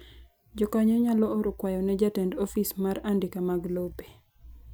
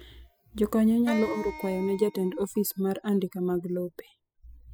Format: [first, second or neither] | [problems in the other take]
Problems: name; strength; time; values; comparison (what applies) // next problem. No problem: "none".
first | noise reduction (classical method spectral subtraction)